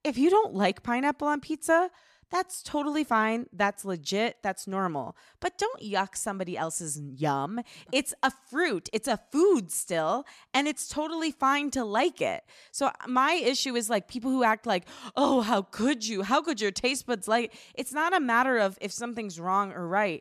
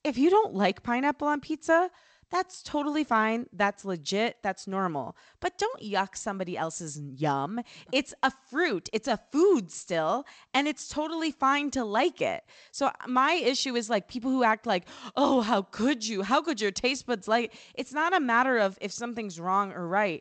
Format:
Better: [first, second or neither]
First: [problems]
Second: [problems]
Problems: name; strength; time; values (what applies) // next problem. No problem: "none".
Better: first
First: none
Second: garbled, watery; slightly; nothing above 8 kHz